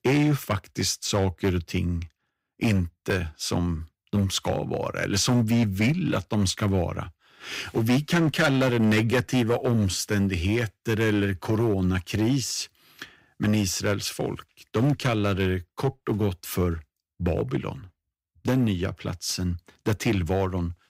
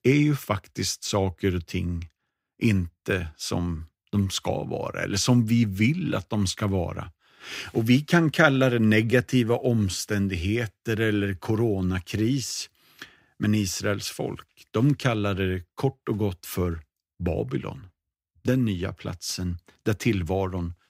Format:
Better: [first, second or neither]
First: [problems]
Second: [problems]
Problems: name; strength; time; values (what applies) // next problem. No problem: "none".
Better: second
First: distortion; slight; 6% of the sound clipped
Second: none